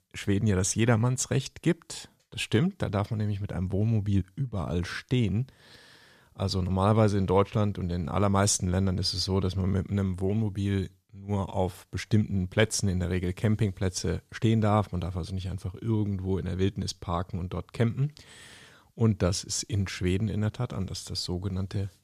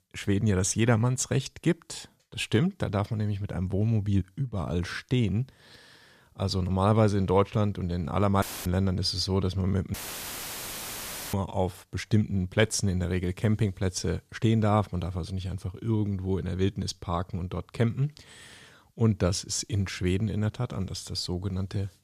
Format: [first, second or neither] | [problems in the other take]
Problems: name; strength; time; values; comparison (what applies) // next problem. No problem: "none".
first | audio cutting out; filled with static; at 8.5 s and at 10 s for 1.5 s